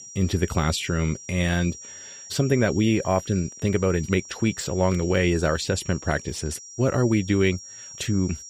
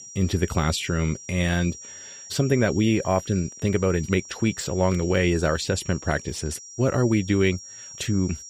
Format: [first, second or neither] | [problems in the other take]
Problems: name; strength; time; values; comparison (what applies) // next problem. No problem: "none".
neither | high-pitched whine; noticeable; throughout; 5.5 kHz, 15 dB below the speech; the same in both